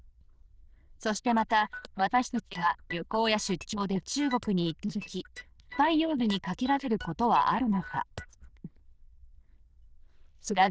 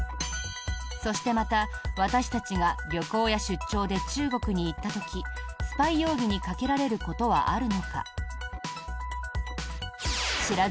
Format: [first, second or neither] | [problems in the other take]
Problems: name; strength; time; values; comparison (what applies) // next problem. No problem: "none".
second | noise reduction (neural diffusion model UNIVERSE++)